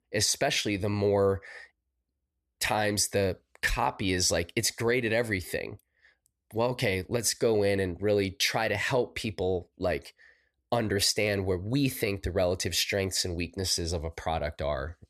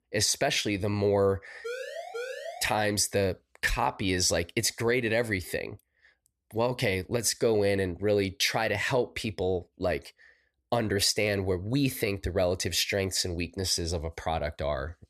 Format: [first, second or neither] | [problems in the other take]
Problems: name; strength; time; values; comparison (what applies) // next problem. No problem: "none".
first | siren; noticeable; at 1.5 s; peak 9 dB below the speech